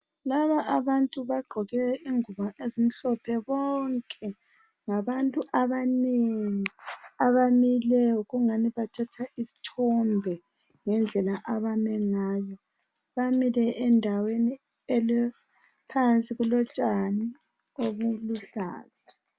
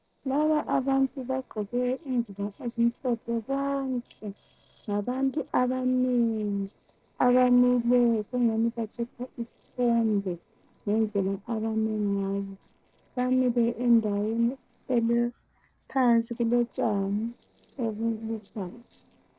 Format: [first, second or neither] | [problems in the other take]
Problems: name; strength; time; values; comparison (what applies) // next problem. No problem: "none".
first | noise reduction (neural separator model SepFormer DNS4)